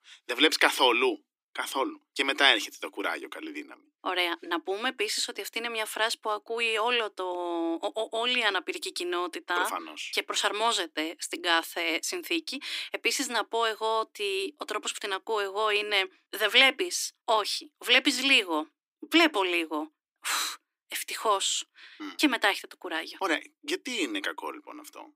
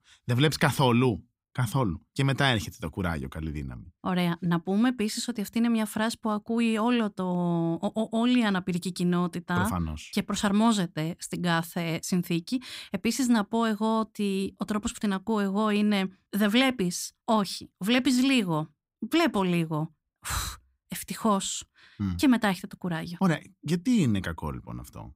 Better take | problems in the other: second | thin; very; fading below 300 Hz

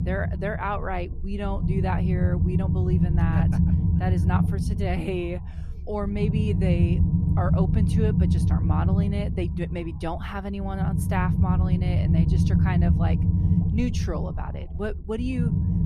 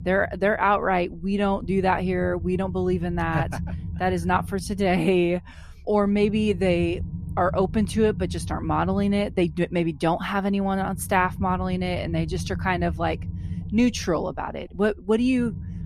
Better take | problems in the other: second | low rumble; loud; throughout; 2 dB below the speech; faint in the second

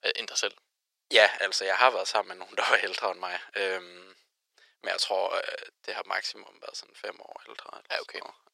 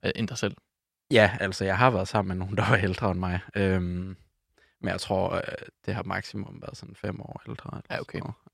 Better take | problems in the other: second | thin; very; fading below 450 Hz

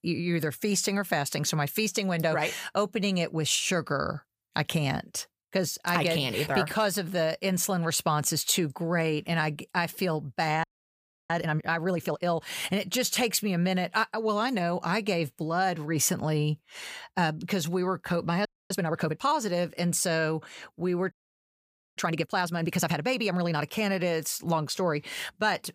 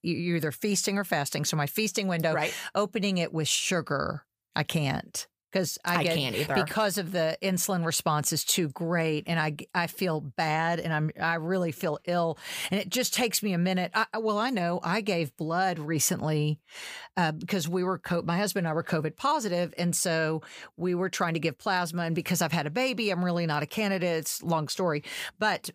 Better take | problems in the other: second | audio freezing; at 11 s for 0.5 s, at 18 s and at 21 s for 1 s

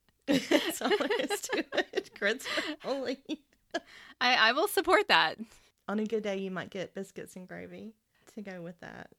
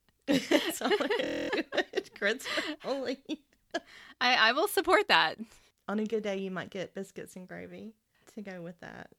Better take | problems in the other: first | audio freezing; at 1.5 s

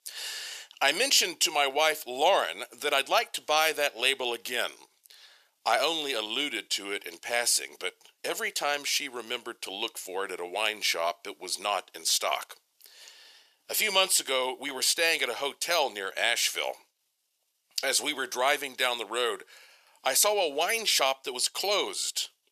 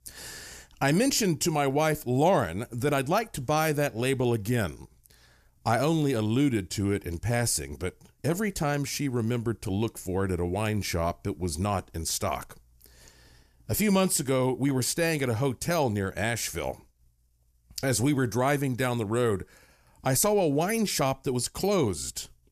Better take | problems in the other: second | thin; very; fading below 550 Hz

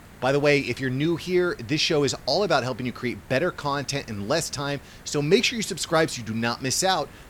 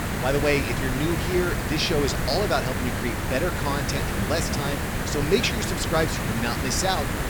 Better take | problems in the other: first | hiss; loud; throughout; 1 dB below the speech; faint in the first

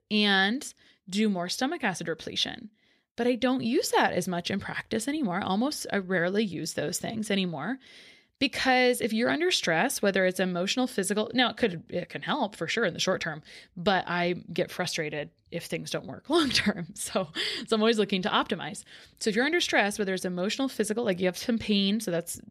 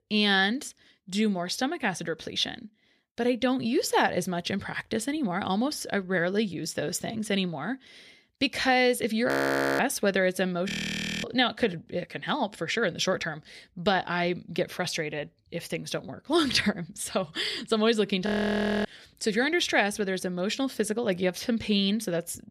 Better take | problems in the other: first | audio freezing; at 9.5 s for 0.5 s, at 11 s for 0.5 s and at 18 s for 0.5 s

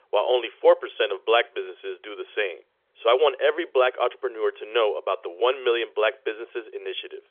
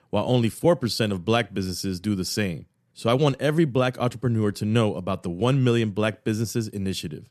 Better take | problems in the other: second | phone-call audio; nothing above 3.5 kHz

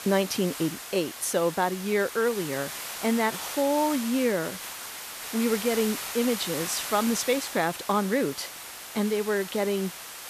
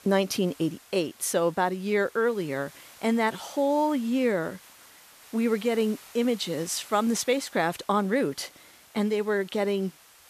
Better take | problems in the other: second | hiss; loud; throughout; 8 dB below the speech; faint in the second

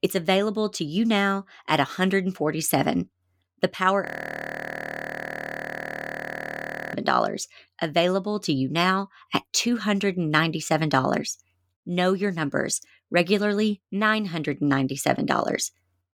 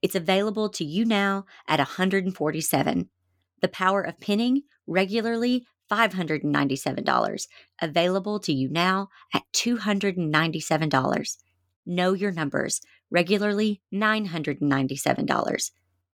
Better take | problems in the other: second | audio freezing; at 4 s for 3 s

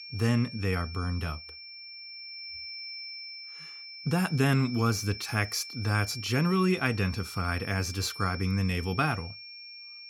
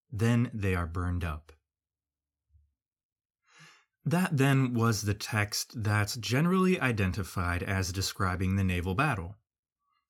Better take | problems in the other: second | high-pitched whine; noticeable; throughout; 5.5 kHz, 10 dB below the speech

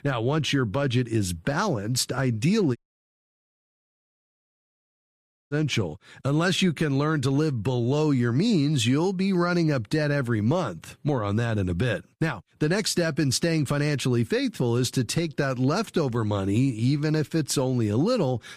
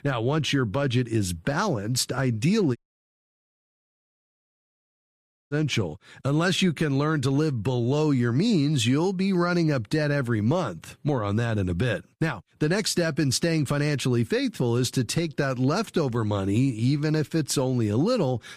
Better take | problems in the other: neither | audio cutting out; at 3 s for 3 s; the same in both

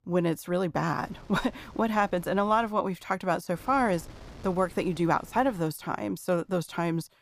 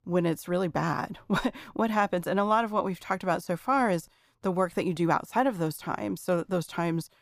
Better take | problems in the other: second | wind noise on the microphone; occasional gusts; from 1 to 2.5 s and from 3.5 to 5.5 s; 25 dB below the speech

